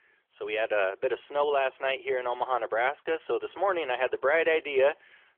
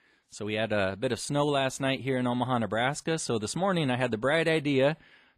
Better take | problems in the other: second | phone-call audio; nothing above 3.5 kHz

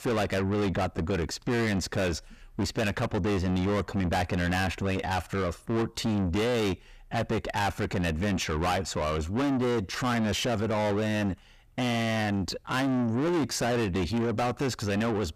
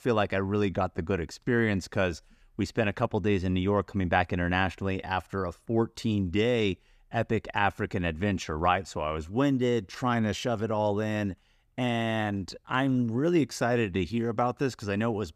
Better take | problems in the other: second | distortion; heavy; 6 dB below the speech

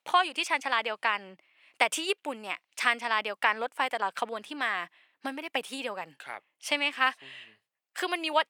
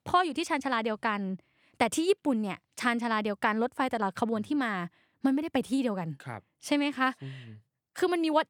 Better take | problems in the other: second | thin; very; fading below 650 Hz

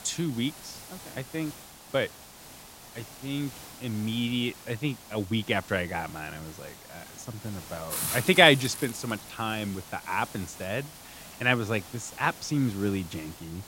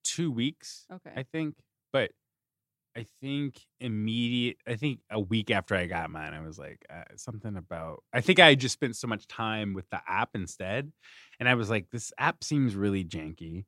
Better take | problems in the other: second | hiss; noticeable; throughout; 15 dB below the speech

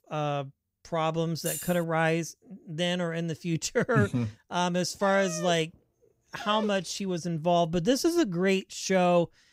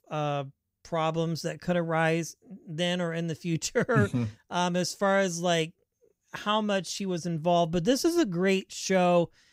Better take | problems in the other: second | jangling keys; noticeable; at 1.5 s; peak 6 dB below the speech // dog barking; noticeable; from 5 to 6.5 s; peak 10 dB below the speech

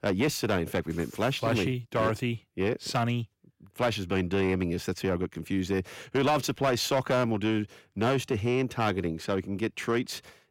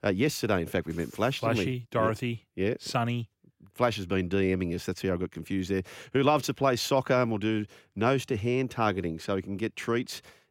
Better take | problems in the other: second | distortion; slight; 5% of the sound clipped

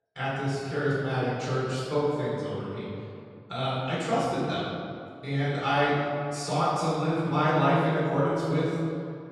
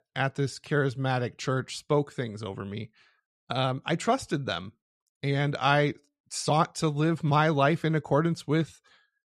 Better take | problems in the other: second | off-mic speech; far // room echo; strong; dies away in 2.1 s

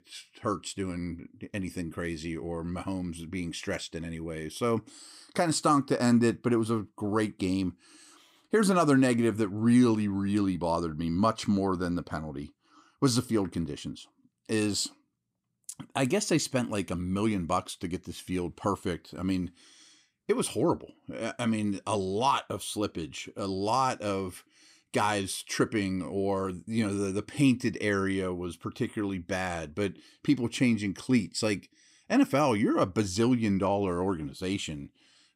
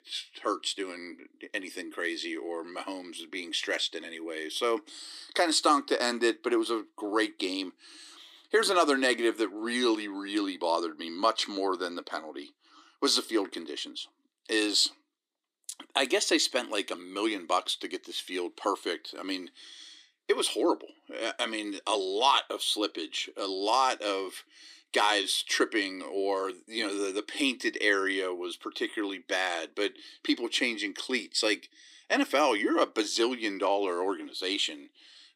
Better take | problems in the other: first | thin; somewhat; fading below 300 Hz

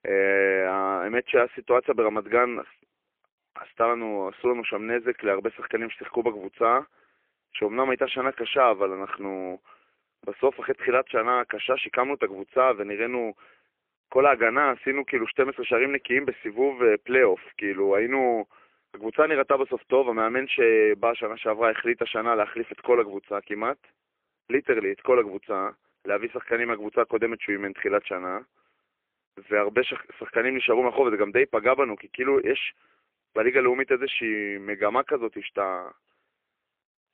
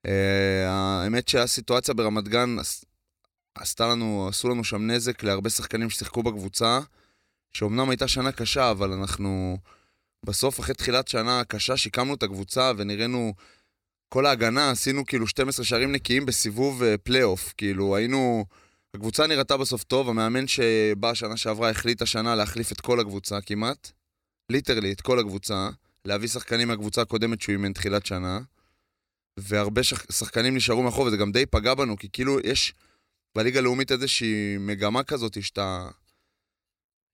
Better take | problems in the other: second | phone-call audio; poor line; nothing above 3.5 kHz

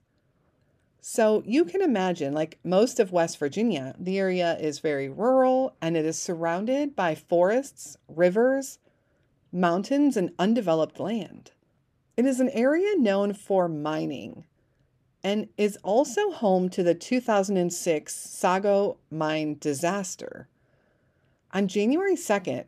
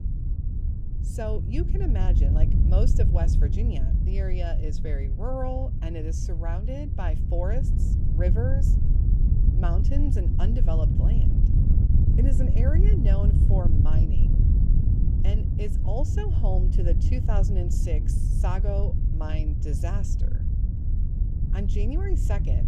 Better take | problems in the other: first | wind noise on the microphone; heavy; 3 dB below the speech

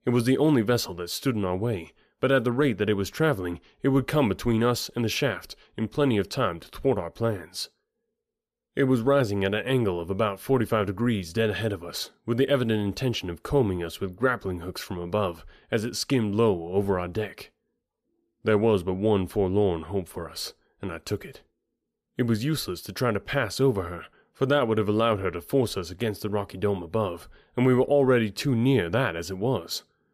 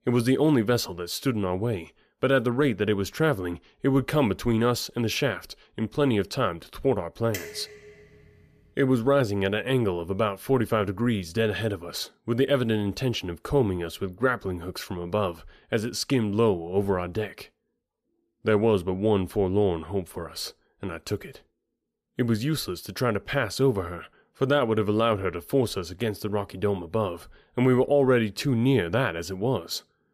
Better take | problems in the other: first | clattering dishes; faint; at 7.5 s; peak 10 dB below the speech

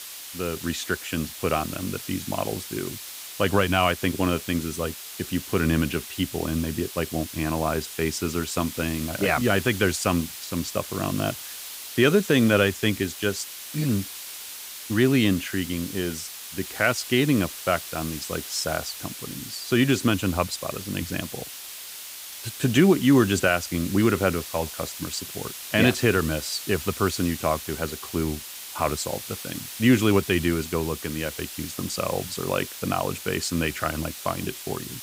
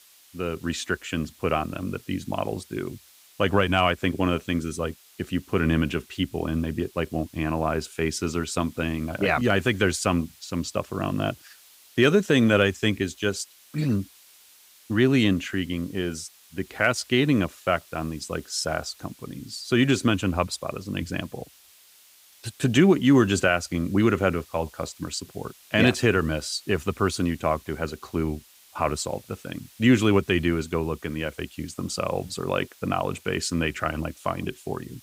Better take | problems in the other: second | hiss; loud; throughout; 10 dB below the speech; faint in the second

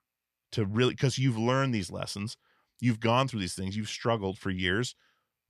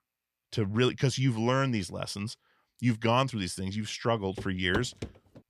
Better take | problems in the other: first | footsteps; noticeable; at 4.5 s; peak 7 dB below the speech

